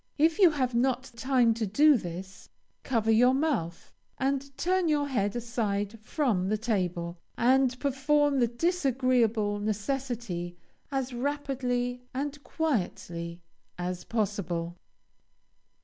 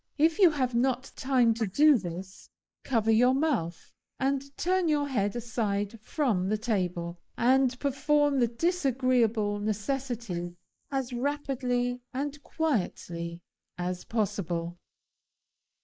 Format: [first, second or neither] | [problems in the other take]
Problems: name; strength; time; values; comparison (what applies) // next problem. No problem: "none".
first | noise reduction (neural mask model Resemble Enhance denoiser)